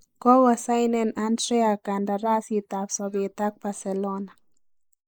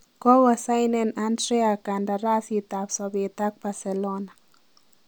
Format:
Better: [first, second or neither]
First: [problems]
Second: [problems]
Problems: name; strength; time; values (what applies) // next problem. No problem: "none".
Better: second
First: noise reduction (neural mask model Resemble Enhance denoiser)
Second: none